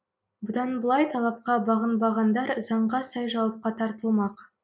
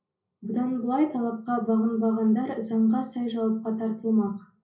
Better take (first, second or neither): first